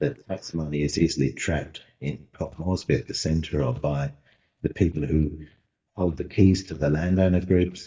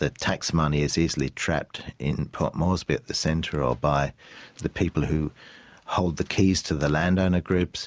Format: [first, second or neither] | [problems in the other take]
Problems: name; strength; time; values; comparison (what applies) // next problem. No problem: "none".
second | noise reduction (neural mask model DeepFilterNet 3)